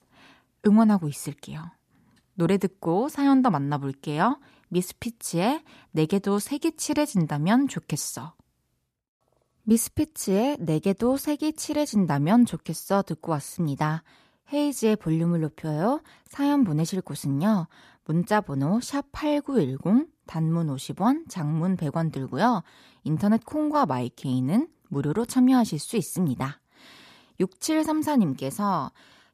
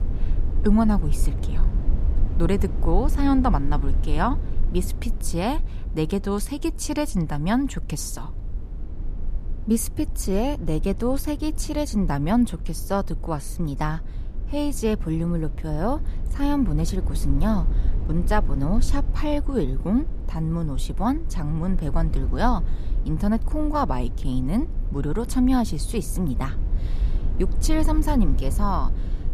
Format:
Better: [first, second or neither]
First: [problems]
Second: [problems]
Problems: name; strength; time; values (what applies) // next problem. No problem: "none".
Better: first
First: none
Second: low rumble; noticeable; throughout; 15 dB below the speech